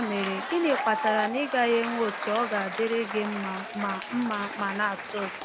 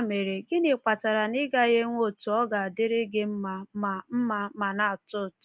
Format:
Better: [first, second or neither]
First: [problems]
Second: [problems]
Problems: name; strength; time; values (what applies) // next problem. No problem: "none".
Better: second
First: background sound (Applause / Crowd / Cheering); 5 dB below the speech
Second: none